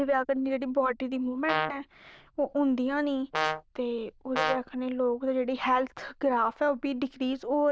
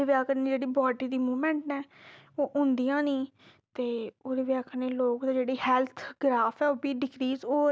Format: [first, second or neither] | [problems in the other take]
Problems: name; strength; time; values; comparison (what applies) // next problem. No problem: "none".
second | noise reduction (neural diffusion model UNIVERSE++)